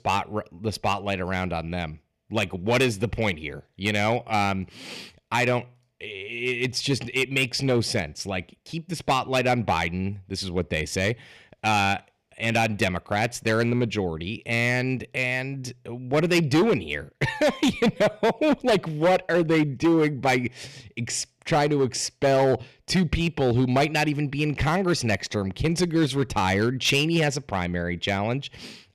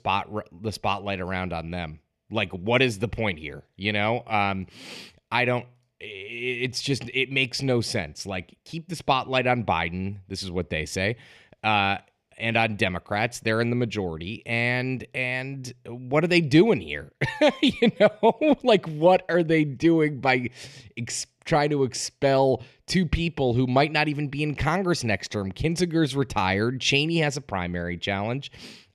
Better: second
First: distortion; slight; 5% of the sound clipped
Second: none

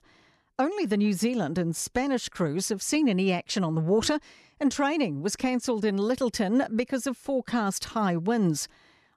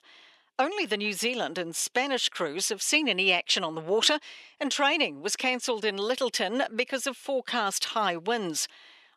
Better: first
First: none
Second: thin; somewhat; fading below 450 Hz

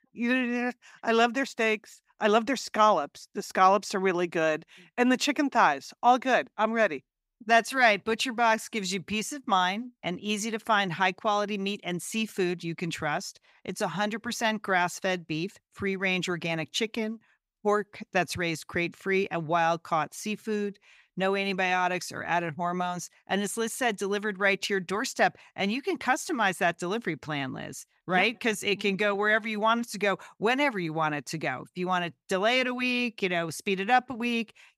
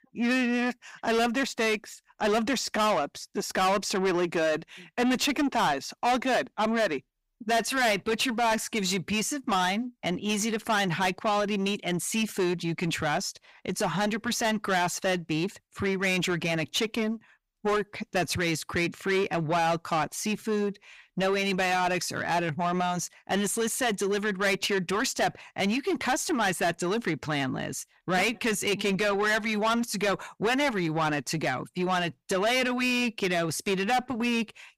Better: first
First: none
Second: distortion; heavy; 7 dB below the speech

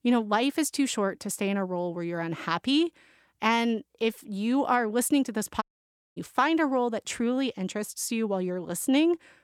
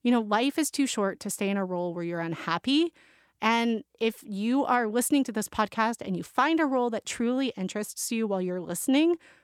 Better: second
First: audio cutting out; at 5.5 s for 0.5 s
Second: none

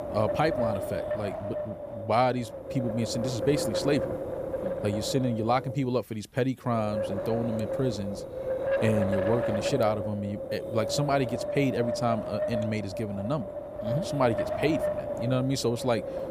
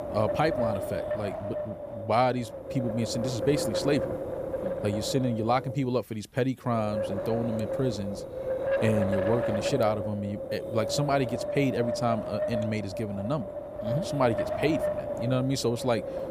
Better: neither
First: wind noise on the microphone; heavy; 2 dB below the speech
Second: wind noise on the microphone; heavy; 2 dB below the speech

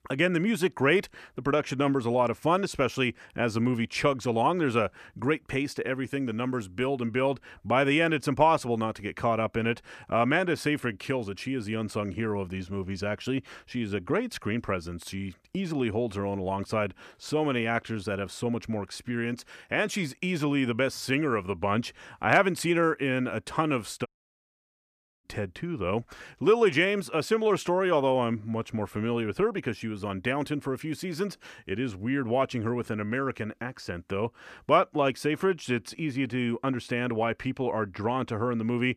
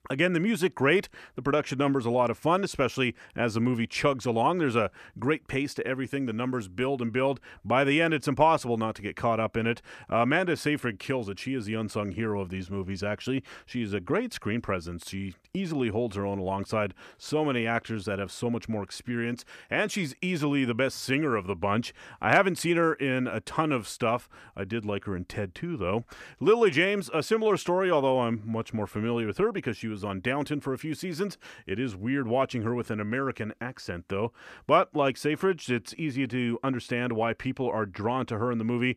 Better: second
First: audio cutting out; at 24 s for 1 s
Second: none

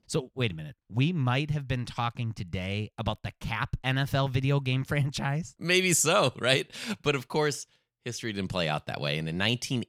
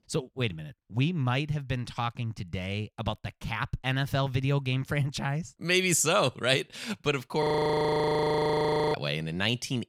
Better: first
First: none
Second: audio freezing; at 7.5 s for 1.5 s

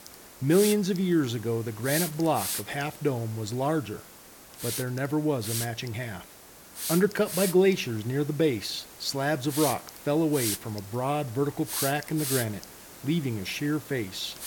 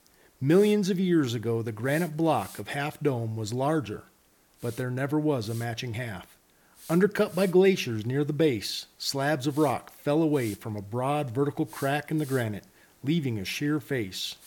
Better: second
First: hiss; loud; throughout; 6 dB below the speech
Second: hiss; faint; throughout; 20 dB below the speech

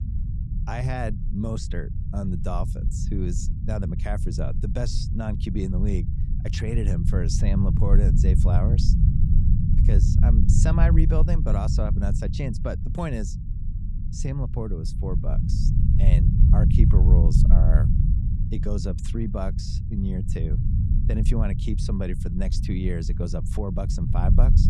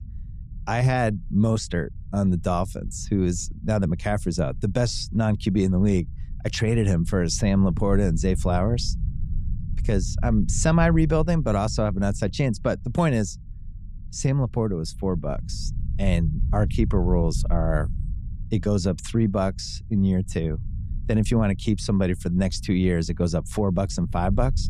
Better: second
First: low rumble; loud; throughout; 4 dB below the speech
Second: low rumble; faint; throughout; 20 dB below the speech

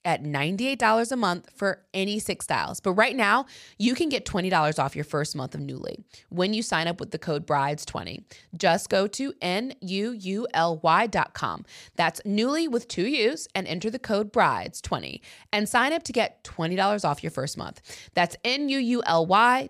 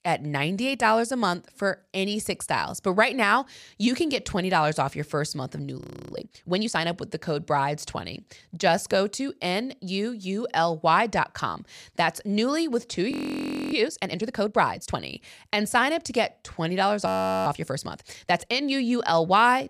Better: first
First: none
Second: audio freezing; at 6 s, at 13 s for 0.5 s and at 17 s

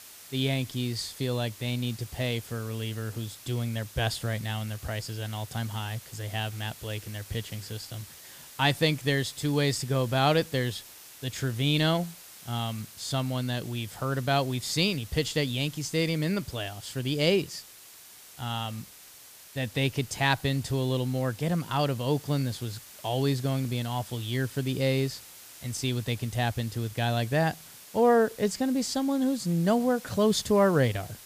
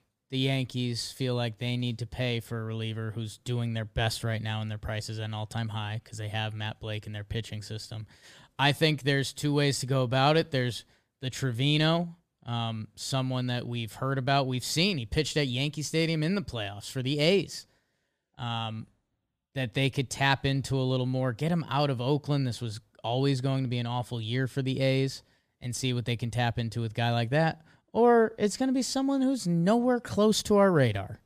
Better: second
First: hiss; noticeable; throughout; 15 dB below the speech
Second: none

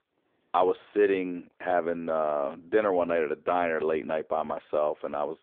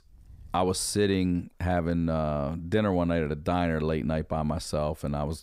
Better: second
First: phone-call audio; poor line; nothing above 3.5 kHz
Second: none

